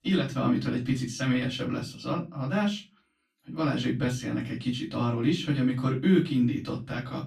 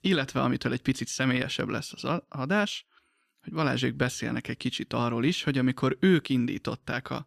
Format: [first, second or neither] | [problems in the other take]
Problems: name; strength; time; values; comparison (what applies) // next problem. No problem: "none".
second | off-mic speech; far // room echo; slight; dies away in 0.3 s